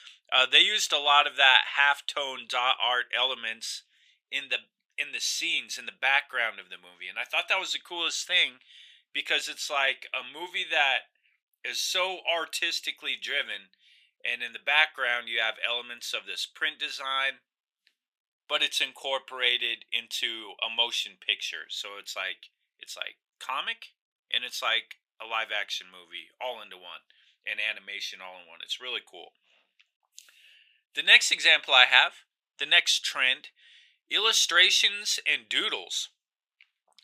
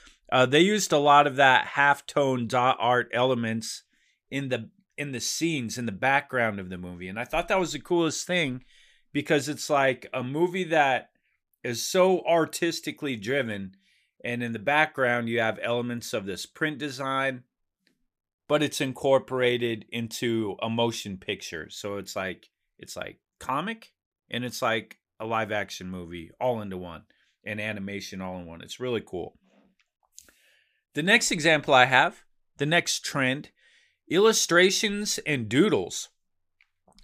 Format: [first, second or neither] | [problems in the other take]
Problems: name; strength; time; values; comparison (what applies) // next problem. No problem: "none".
second | thin; very; fading below 850 Hz